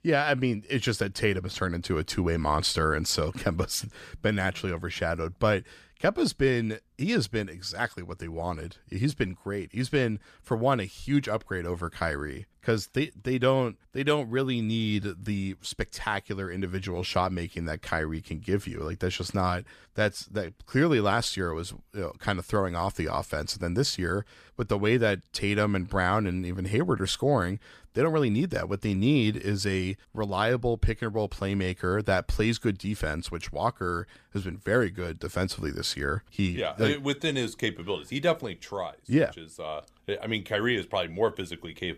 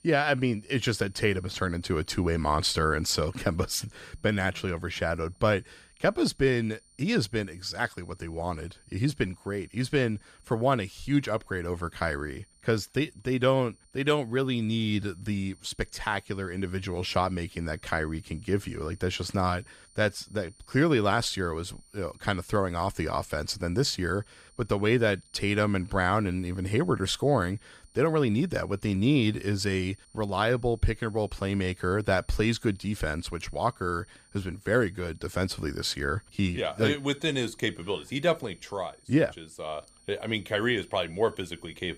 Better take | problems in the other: first | high-pitched whine; faint; throughout; 9 kHz, 30 dB below the speech

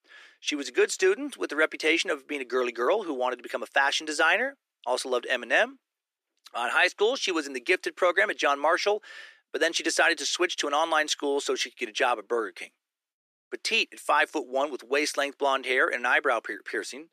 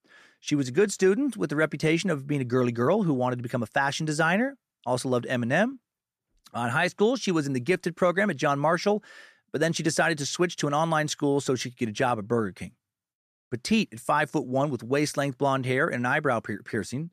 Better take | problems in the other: second | thin; very; fading below 300 Hz

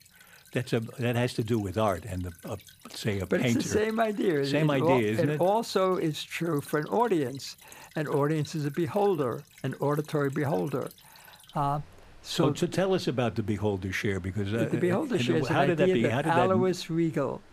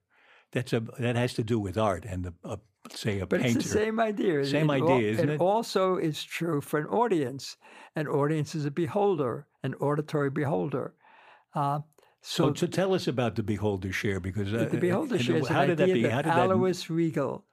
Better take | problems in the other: second | rain or running water; faint; throughout; 25 dB below the speech

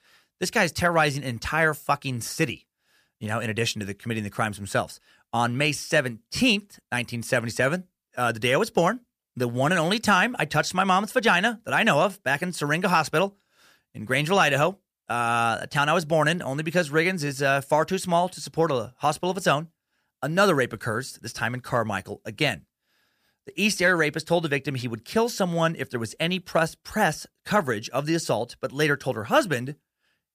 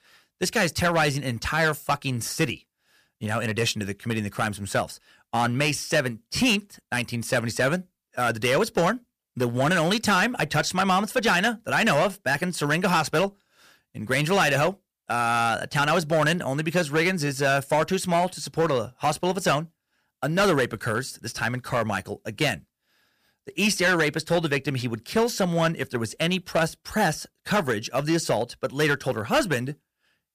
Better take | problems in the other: first | distortion; slight; 6% of the sound clipped

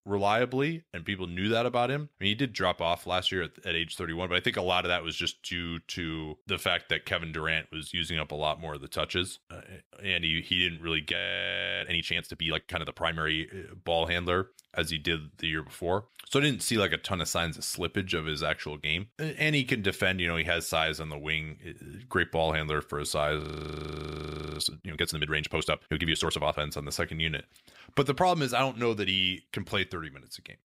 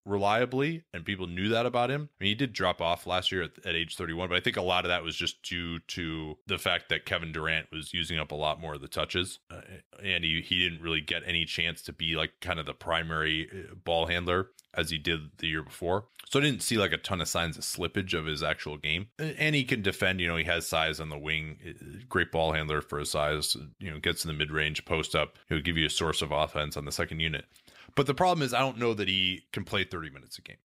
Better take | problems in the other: second | audio freezing; at 11 s for 0.5 s and at 23 s for 1 s

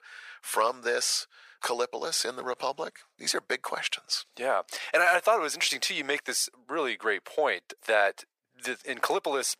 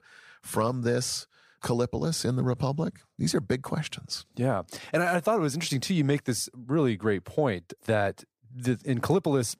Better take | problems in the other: second | thin; very; fading below 500 Hz

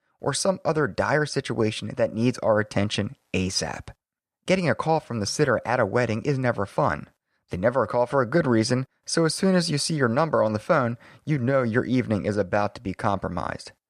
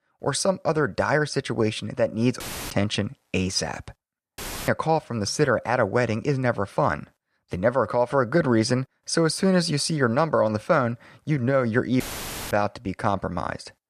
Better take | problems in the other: first | audio cutting out; filled with static; at 2.5 s, at 4.5 s and at 12 s for 0.5 s

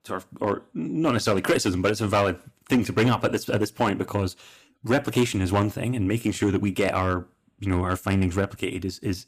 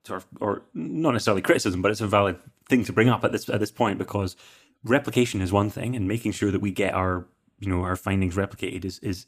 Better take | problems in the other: second | distortion; slight; 4% of the sound clipped

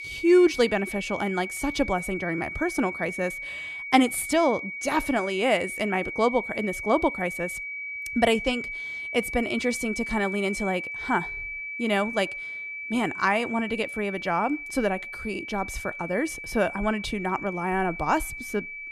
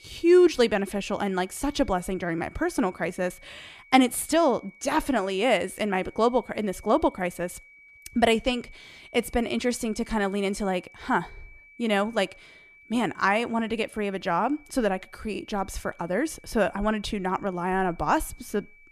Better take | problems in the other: second | high-pitched whine; loud; throughout; 2.5 kHz, 7 dB below the speech; faint in the second

